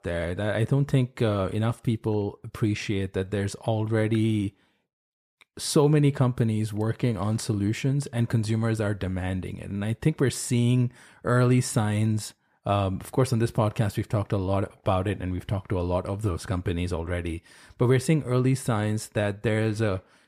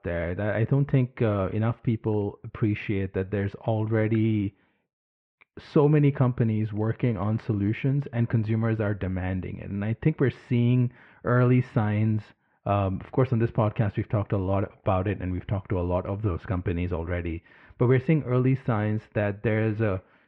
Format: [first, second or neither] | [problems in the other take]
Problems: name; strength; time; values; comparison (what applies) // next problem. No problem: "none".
first | muffled; very; fading above 2.5 kHz